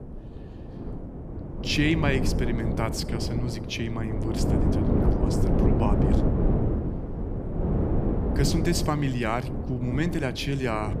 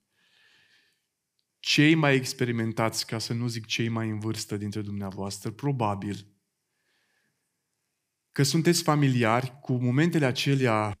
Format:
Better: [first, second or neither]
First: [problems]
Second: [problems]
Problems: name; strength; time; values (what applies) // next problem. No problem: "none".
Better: second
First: wind noise on the microphone; heavy; 3 dB below the speech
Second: none